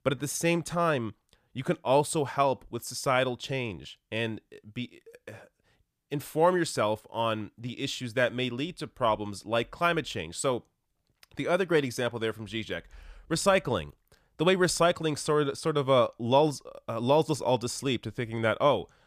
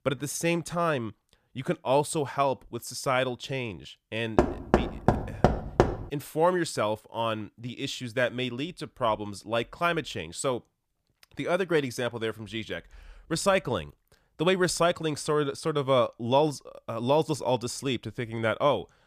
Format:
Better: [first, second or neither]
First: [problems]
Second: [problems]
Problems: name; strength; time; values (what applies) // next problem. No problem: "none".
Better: first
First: none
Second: door banging; loud; from 4.5 to 6 s; peak 5 dB above the speech